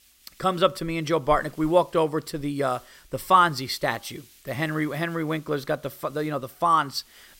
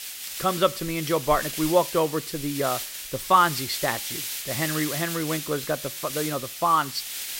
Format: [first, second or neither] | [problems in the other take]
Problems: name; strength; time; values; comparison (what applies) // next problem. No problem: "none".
first | hiss; loud; throughout; 6 dB below the speech; faint in the first